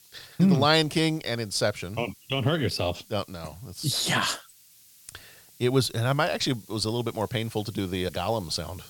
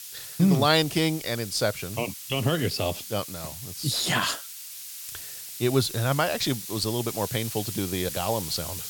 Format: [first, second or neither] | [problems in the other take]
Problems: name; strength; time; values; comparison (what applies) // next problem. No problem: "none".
first | hiss; loud; throughout; 9 dB below the speech; faint in the first